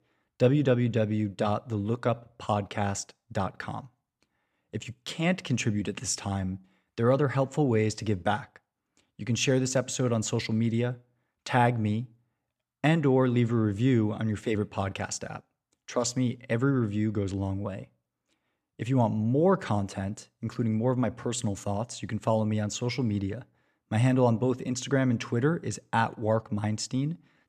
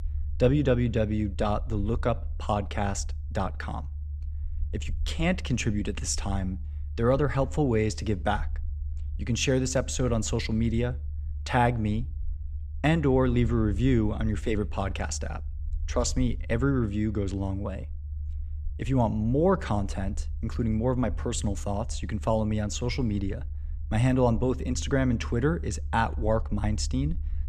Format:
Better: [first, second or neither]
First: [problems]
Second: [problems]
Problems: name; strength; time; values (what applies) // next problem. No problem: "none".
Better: first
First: none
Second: low rumble; faint; throughout; 25 dB below the speech